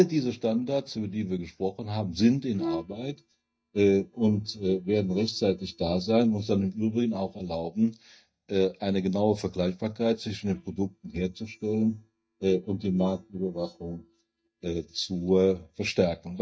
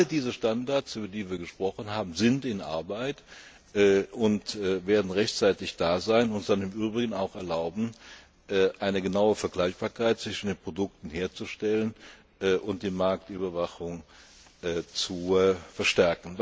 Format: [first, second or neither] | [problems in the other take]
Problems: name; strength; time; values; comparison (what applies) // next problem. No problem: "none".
second | noise reduction (neural mask model DeepFilterNet 3)